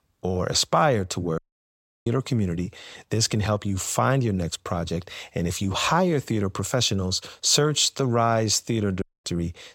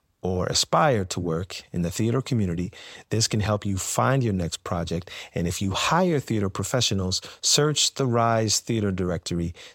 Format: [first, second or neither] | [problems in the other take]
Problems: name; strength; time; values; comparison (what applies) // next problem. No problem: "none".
second | audio cutting out; at 1.5 s for 0.5 s and at 9 s